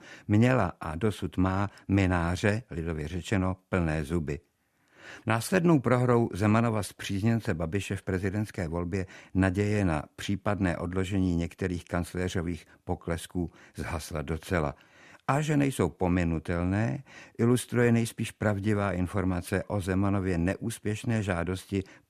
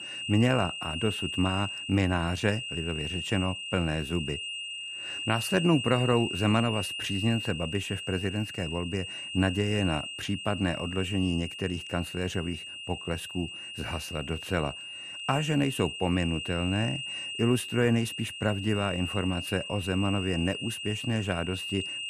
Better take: first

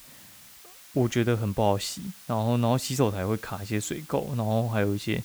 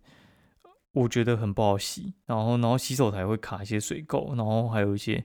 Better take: second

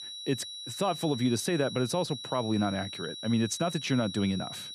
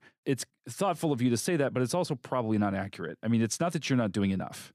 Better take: second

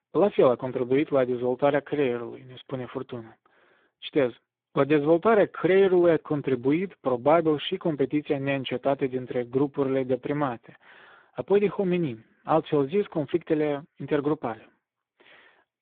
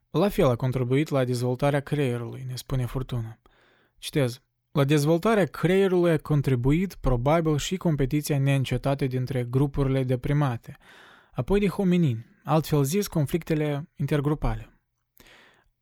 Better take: second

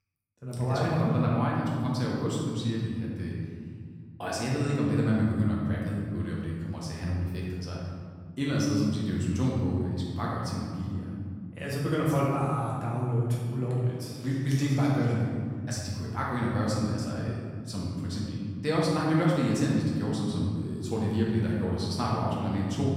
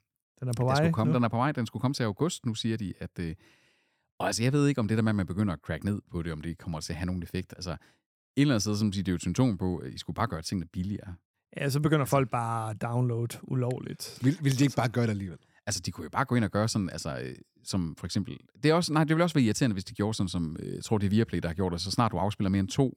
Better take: second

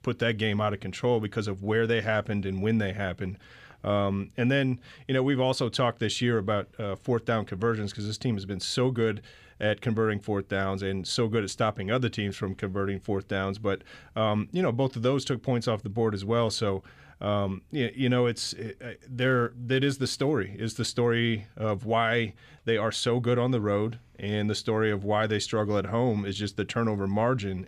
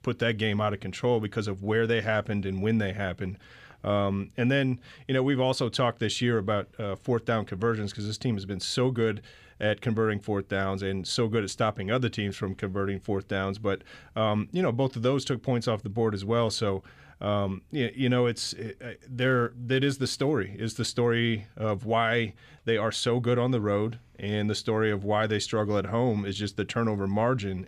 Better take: neither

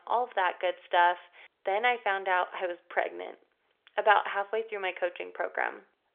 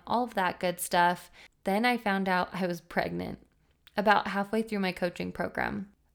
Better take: second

